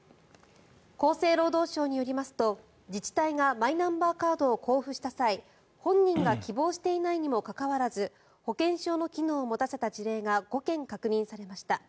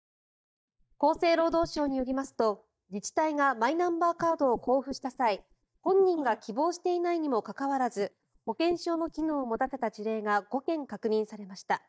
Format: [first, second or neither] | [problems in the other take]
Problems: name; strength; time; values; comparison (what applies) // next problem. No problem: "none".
first | noise reduction (neural mask model DeepFilterNet 3)